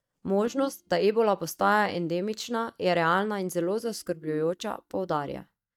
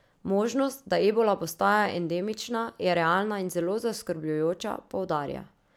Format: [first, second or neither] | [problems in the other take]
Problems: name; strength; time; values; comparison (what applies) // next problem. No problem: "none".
second | noise reduction (neural mask model DeepFilterNet 3)